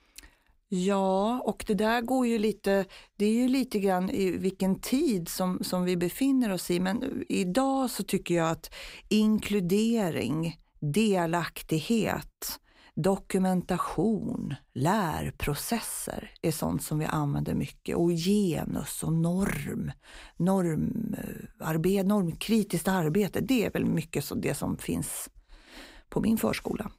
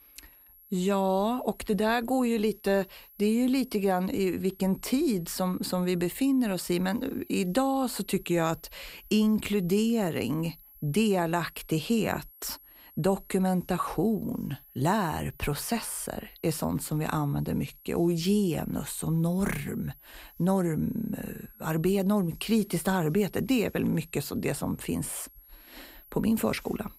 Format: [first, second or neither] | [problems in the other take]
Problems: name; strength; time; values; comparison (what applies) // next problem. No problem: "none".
first | high-pitched whine; faint; throughout; 11.5 kHz, 25 dB below the speech